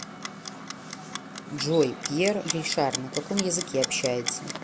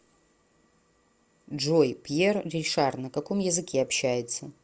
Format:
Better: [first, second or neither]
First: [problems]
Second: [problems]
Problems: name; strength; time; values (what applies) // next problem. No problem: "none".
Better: second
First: background sound (Clock); 6 dB below the speech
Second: none